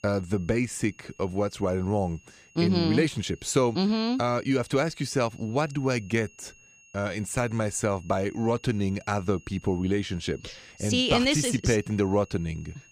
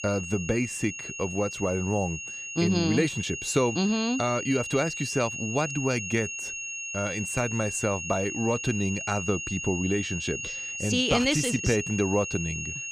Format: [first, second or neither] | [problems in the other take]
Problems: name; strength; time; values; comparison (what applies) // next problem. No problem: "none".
first | high-pitched whine; loud; throughout; 3 kHz, 5 dB below the speech; faint in the first